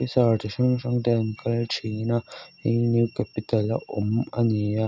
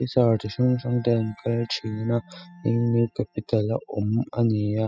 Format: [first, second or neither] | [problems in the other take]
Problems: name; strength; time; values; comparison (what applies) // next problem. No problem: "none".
first | noise reduction (classical method spectral subtraction)